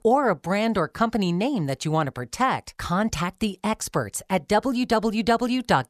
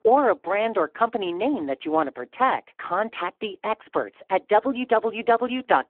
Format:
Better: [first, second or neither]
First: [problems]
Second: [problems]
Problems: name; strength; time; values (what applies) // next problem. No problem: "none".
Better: first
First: none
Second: phone-call audio; poor line